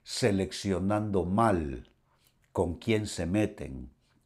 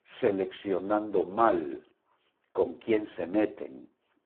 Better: first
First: none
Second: phone-call audio; poor line

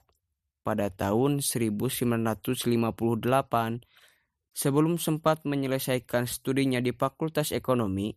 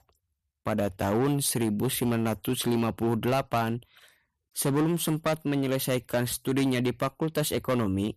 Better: first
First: none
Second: distortion; slight; 10% of the sound clipped

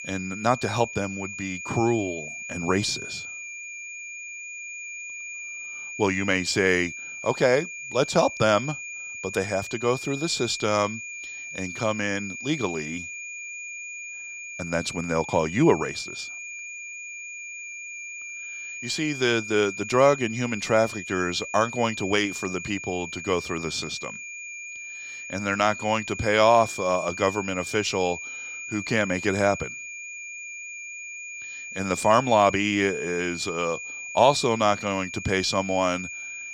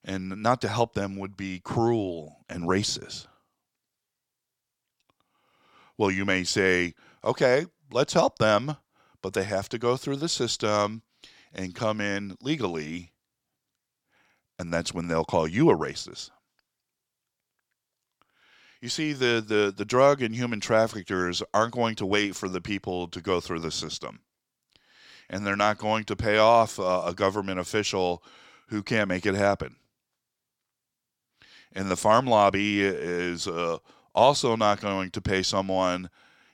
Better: second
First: high-pitched whine; loud; throughout; 2.5 kHz, 9 dB below the speech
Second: none

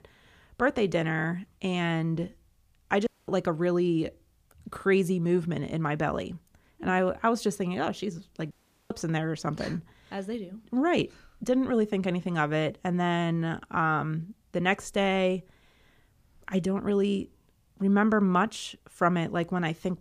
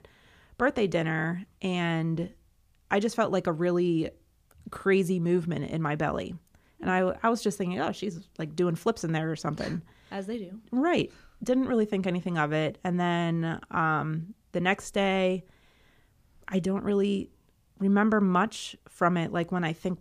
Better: second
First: audio cutting out; at 3 s and at 8.5 s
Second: none

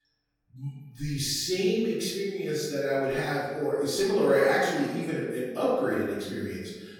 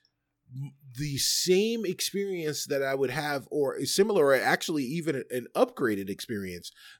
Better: second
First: off-mic speech; far // room echo; noticeable; dies away in 1.3 s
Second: none

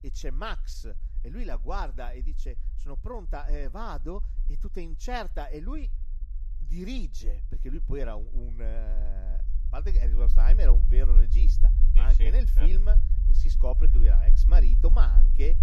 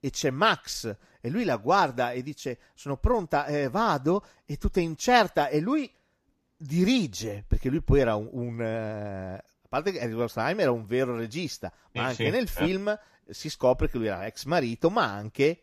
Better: second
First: low rumble; noticeable; throughout; 10 dB below the speech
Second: none

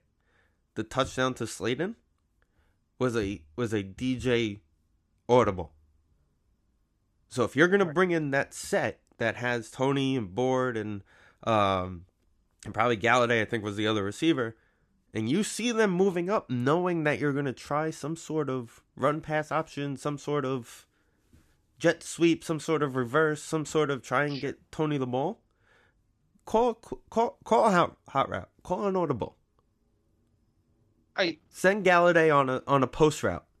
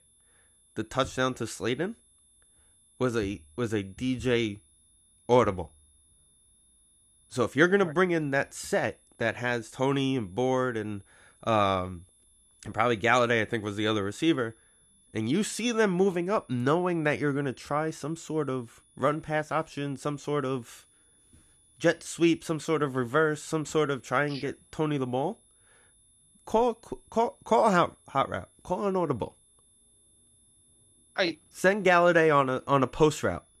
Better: first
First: none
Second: high-pitched whine; faint; throughout; 10.5 kHz, 30 dB below the speech

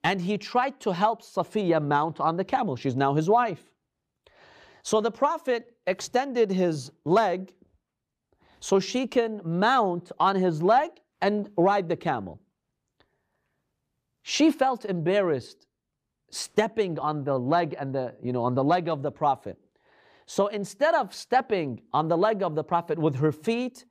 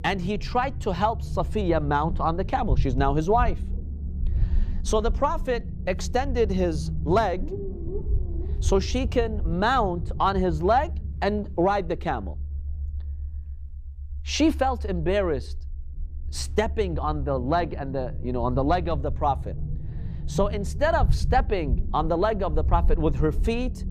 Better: first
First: none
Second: low rumble; noticeable; throughout; 20 dB below the speech

